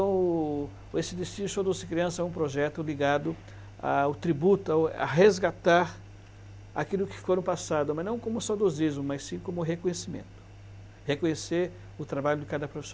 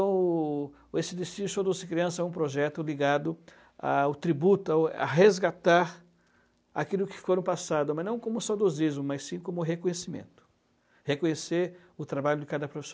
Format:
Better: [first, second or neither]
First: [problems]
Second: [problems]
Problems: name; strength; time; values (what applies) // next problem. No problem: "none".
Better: second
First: background sound (Engine); 18 dB below the speech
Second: none